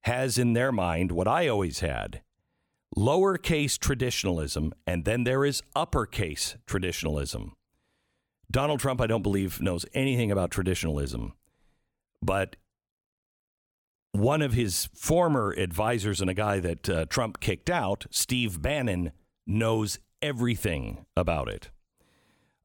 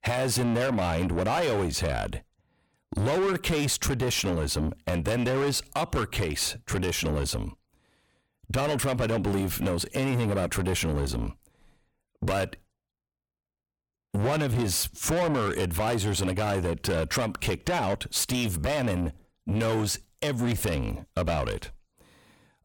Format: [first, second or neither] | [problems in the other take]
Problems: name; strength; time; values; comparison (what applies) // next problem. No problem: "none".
first | distortion; heavy; 7 dB below the speech